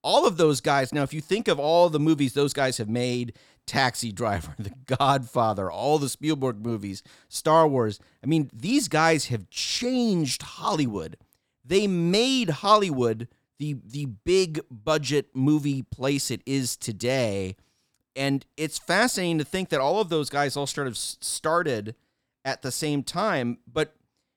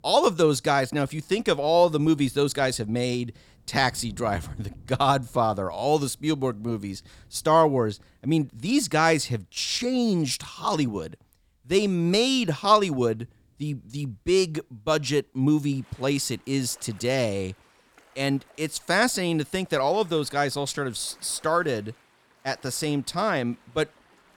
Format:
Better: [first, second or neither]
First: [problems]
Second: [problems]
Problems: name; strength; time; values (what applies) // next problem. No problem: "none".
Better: first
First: none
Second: rain or running water; faint; throughout; 30 dB below the speech